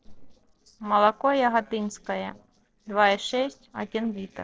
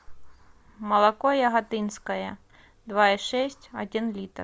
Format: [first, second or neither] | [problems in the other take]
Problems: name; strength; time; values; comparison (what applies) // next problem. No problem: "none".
second | noise reduction (neural separator model SepFormer DNS4)